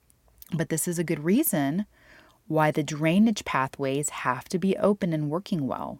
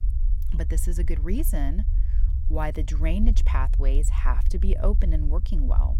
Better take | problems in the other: first | low rumble; noticeable; throughout; 10 dB below the speech

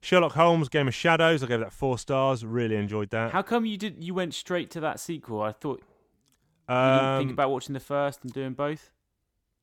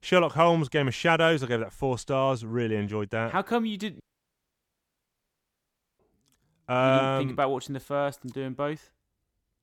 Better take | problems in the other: first | audio cutting out; at 4 s for 2 s

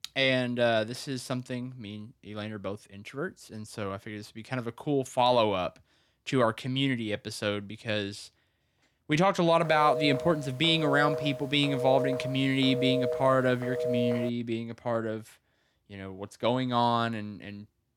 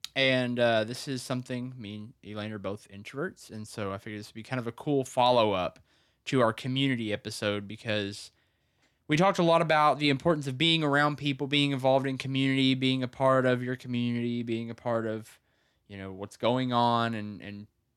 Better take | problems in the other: second | phone ringing; noticeable; from 9.5 to 14 s; peak 1 dB below the speech

